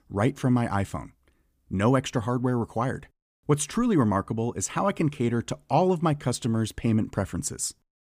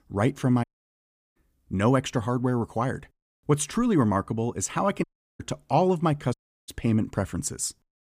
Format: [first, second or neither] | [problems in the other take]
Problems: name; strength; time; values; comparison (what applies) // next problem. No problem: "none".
first | audio cutting out; at 0.5 s for 0.5 s, at 5 s and at 6.5 s